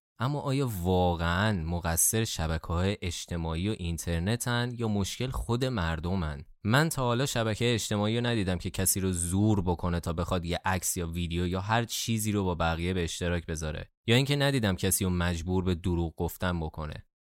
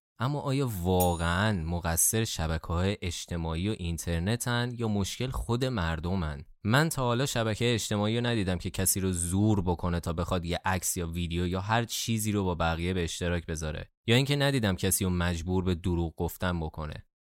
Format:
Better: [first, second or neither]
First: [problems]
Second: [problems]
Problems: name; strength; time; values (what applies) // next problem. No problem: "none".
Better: first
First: none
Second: clattering dishes; noticeable; at 1 s; peak 8 dB below the speech